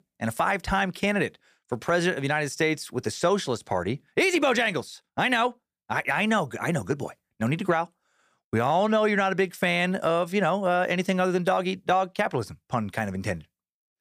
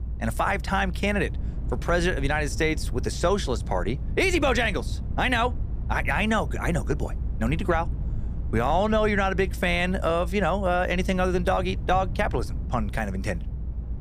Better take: first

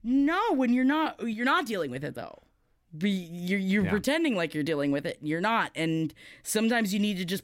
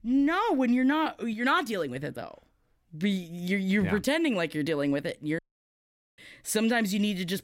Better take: first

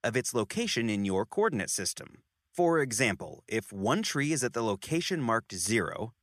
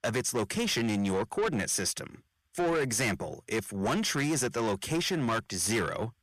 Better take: first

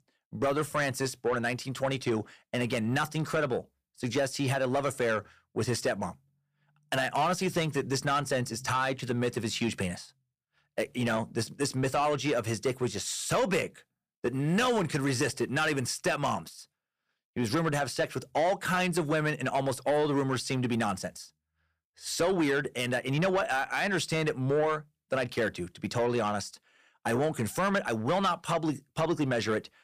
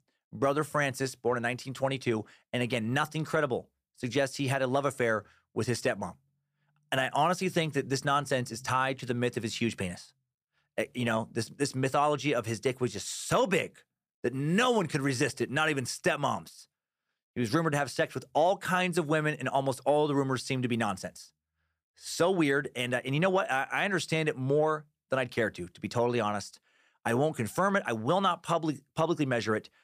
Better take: second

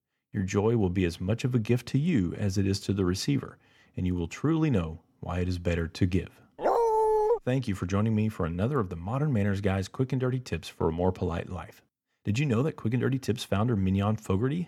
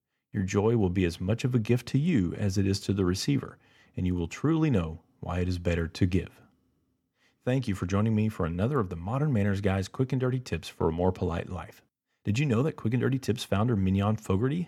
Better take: second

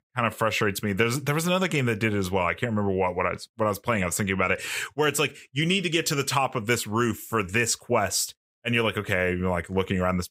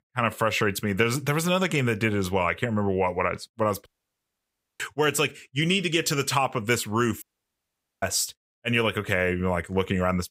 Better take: first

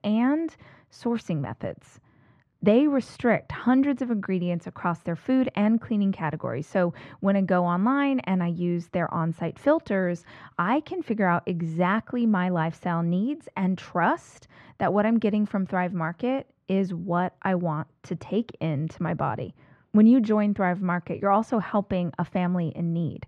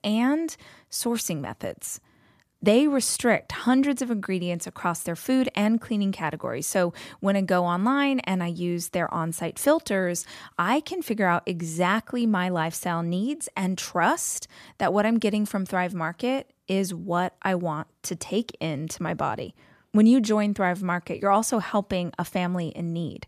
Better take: second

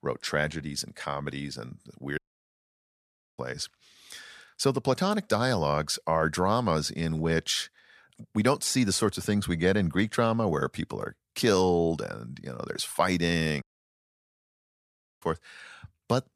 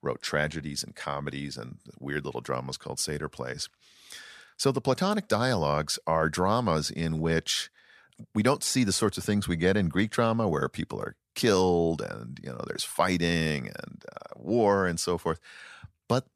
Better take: second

